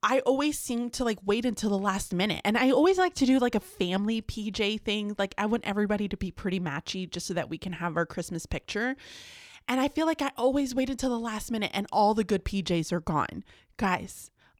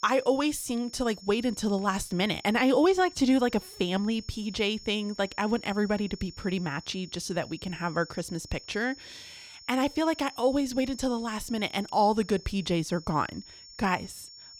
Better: first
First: none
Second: high-pitched whine; noticeable; throughout; 5.5 kHz, 20 dB below the speech

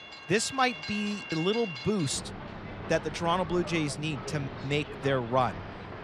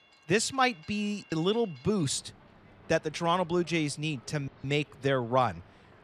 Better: second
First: train or aircraft noise; loud; throughout; 10 dB below the speech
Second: train or aircraft noise; faint; throughout; 25 dB below the speech

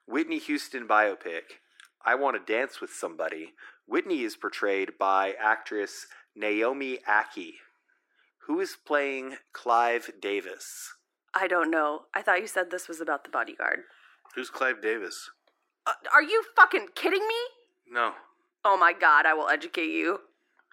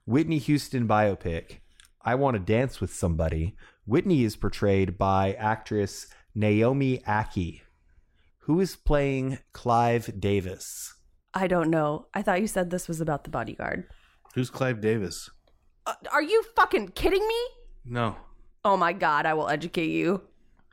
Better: second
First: thin; very; fading below 300 Hz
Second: none

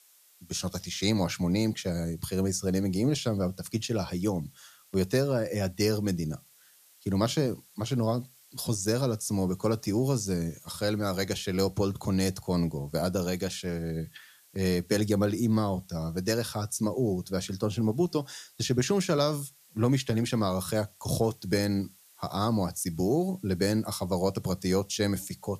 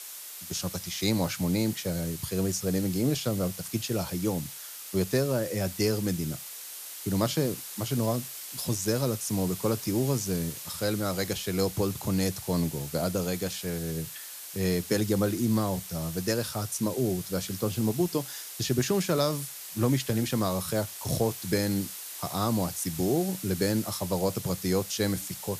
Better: first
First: hiss; faint; throughout; 25 dB below the speech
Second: hiss; loud; throughout; 9 dB below the speech

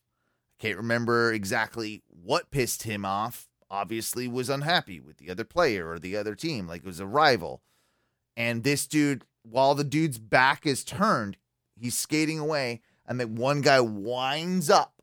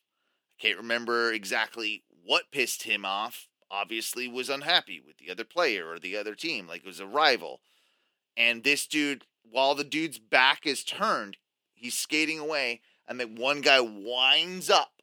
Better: first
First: none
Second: thin; very slightly; fading below 250 Hz

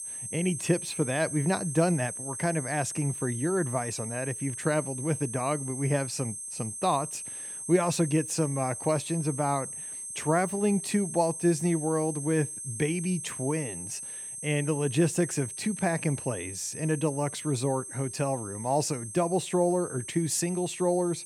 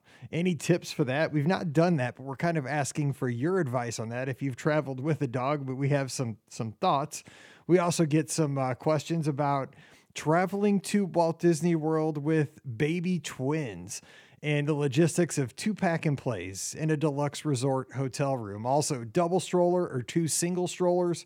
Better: second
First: high-pitched whine; loud; throughout; 8.5 kHz, 7 dB below the speech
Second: none

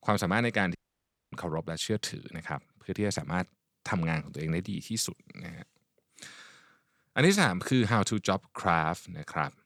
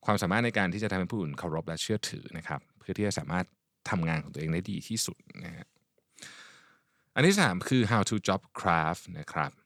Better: second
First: audio cutting out; at 1 s for 0.5 s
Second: none

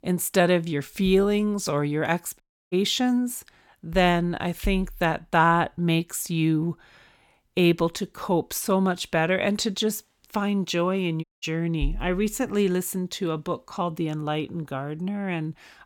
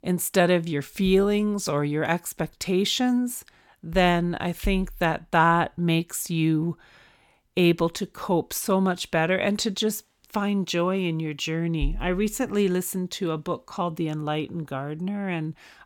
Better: second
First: audio cutting out; at 2.5 s and at 11 s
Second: none

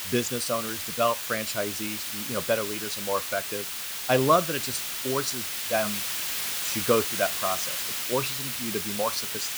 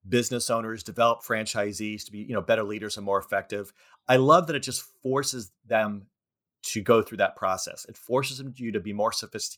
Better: second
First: hiss; loud; throughout; 1 dB below the speech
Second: none

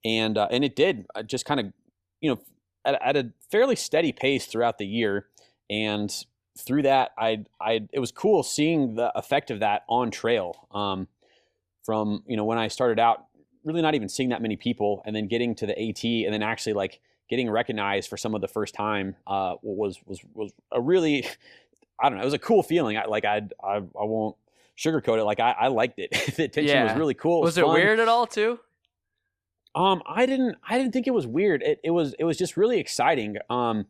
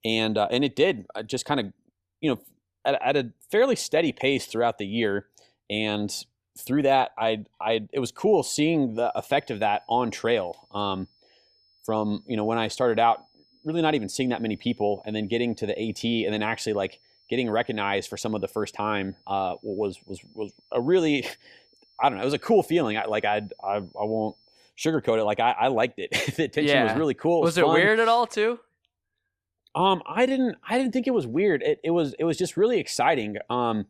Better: first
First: none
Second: high-pitched whine; faint; from 9 to 25 s; 5.5 kHz, 35 dB below the speech

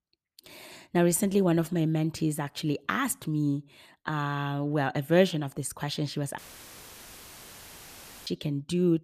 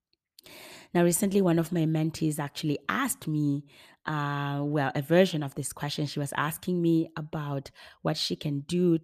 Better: second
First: audio cutting out; filled with static; at 6.5 s for 2 s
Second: none

